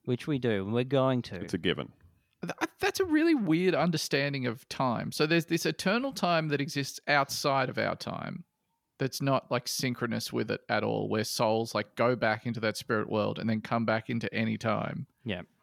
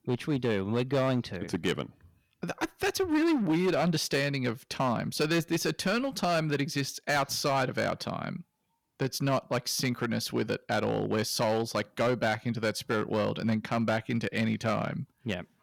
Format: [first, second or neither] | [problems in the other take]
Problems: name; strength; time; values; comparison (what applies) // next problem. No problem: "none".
first | distortion; slight; 8% of the sound clipped